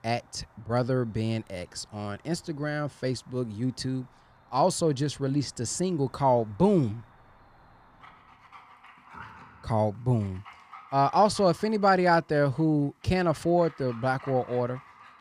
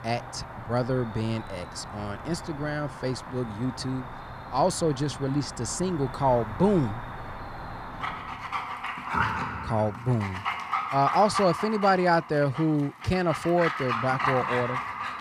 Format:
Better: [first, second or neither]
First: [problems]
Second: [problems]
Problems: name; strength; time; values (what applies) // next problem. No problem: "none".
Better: first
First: animal sounds; faint; throughout; 25 dB below the speech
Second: animal sounds; loud; throughout; 7 dB below the speech